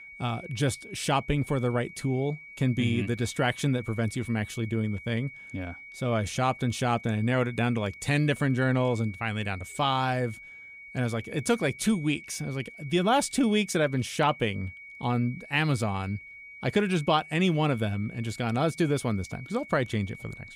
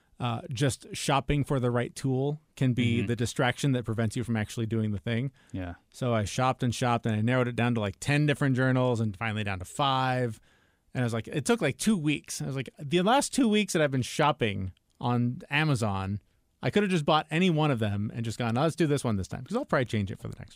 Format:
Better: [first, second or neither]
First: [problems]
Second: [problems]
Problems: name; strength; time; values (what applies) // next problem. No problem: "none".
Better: second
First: high-pitched whine; noticeable; throughout; 2 kHz, 15 dB below the speech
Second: none